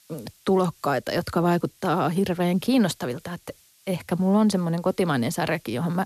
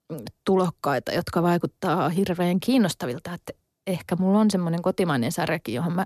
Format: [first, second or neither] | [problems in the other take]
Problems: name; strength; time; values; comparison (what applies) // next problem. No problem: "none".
second | hiss; faint; throughout; 30 dB below the speech